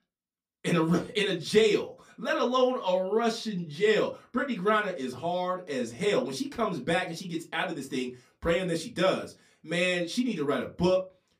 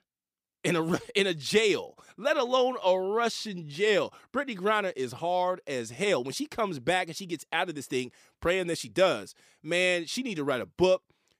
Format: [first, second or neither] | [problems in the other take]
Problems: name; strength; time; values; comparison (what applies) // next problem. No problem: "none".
second | off-mic speech; far // room echo; very slight; dies away in 0.2 s